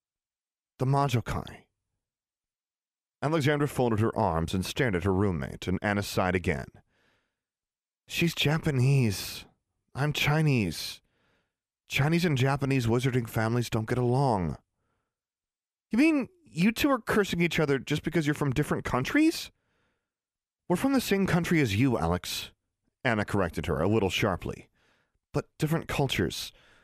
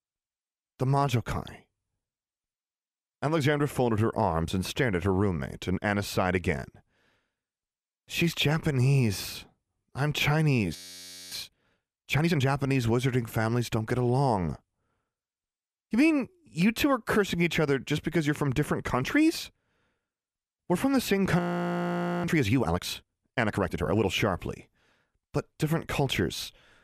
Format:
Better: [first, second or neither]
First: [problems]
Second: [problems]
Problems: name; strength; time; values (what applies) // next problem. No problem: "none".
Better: first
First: none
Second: audio freezing; at 11 s for 0.5 s and at 21 s for 1 s